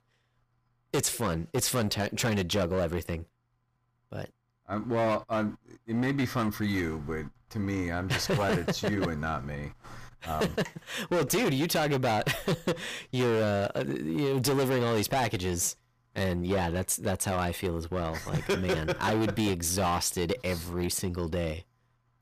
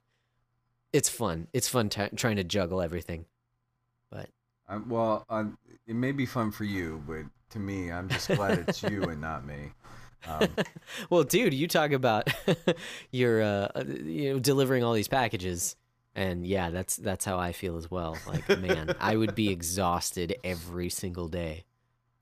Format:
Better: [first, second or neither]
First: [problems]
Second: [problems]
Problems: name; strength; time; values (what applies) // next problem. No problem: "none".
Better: second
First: distortion; heavy; 12% of the sound clipped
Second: none